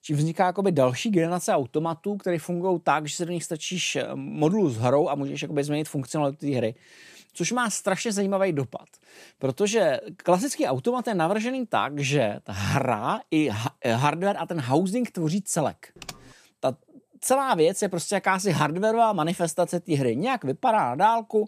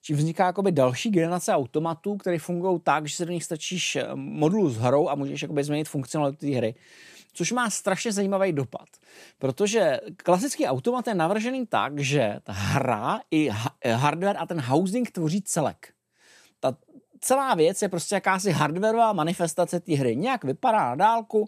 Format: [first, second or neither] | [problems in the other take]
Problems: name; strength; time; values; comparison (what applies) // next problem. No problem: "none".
second | keyboard typing; faint; at 16 s; peak 15 dB below the speech